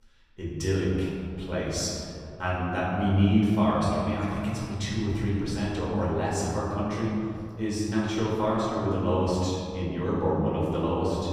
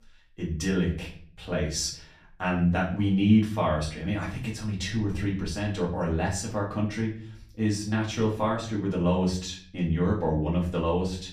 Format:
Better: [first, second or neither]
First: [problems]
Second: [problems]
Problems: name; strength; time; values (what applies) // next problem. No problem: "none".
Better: second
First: room echo; strong; dies away in 2.5 s // off-mic speech; far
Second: room echo; slight; dies away in 0.5 s // off-mic speech; far